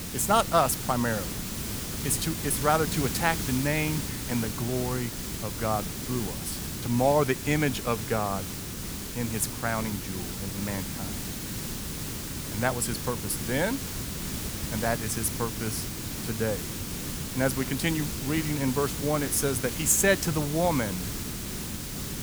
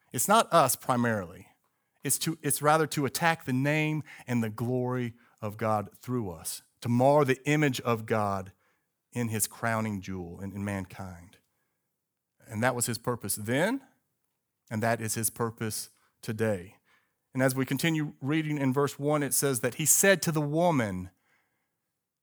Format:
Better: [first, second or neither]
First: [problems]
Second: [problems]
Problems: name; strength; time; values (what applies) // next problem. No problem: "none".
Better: second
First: hiss; loud; throughout; 5 dB below the speech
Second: none